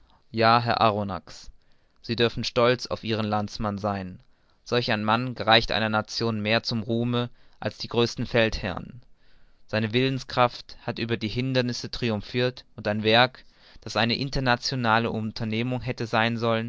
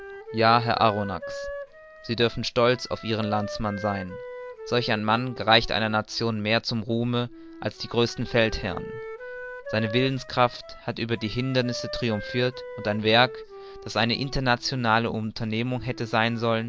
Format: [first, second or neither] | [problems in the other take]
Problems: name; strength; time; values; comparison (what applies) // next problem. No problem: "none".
first | background sound (Wind instrument, woodwind instrument); 14 dB below the speech